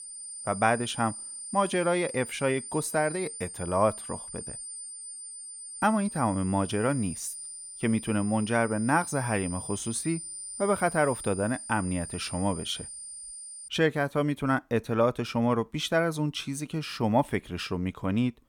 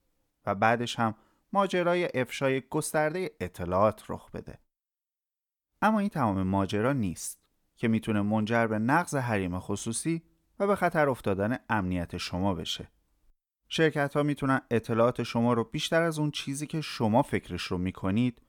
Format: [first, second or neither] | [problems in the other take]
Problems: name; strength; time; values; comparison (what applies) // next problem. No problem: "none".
second | high-pitched whine; loud; until 14 s; 9 kHz, 9 dB below the speech